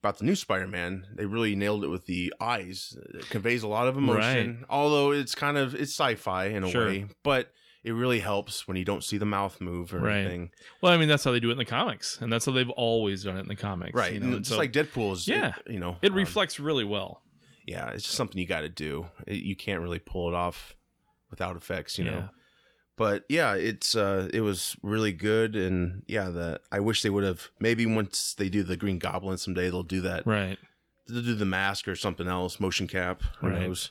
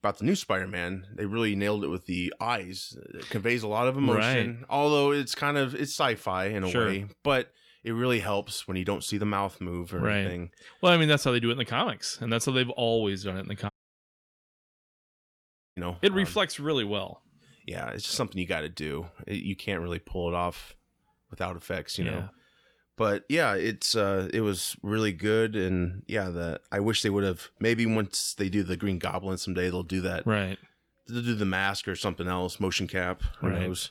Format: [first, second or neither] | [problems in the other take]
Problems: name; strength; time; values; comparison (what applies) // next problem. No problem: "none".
first | audio cutting out; at 14 s for 2 s